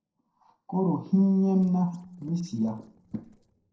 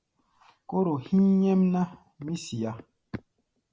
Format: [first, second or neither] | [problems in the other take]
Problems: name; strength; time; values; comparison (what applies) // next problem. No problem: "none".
second | noise reduction (neural separator model SepFormer DNS4)